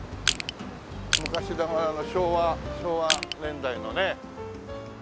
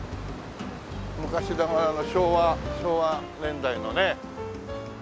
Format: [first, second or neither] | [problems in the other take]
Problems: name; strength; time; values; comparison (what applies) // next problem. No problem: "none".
second | background sound (Crushing); as loud as the speech